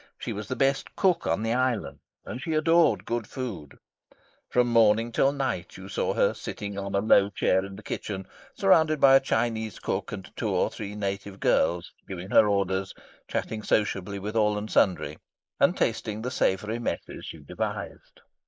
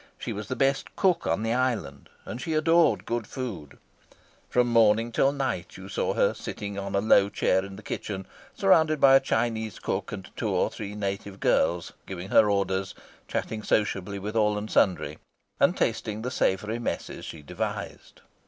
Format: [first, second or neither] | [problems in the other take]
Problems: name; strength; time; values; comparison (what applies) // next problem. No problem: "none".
second | noise reduction (neural mask model Resemble Enhance denoiser)